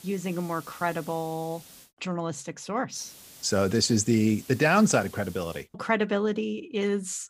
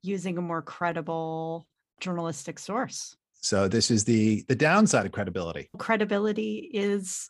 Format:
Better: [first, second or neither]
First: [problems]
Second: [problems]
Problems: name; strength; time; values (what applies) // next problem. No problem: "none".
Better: second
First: hiss; faint; until 2 s and from 3 to 5.5 s; 20 dB below the speech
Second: none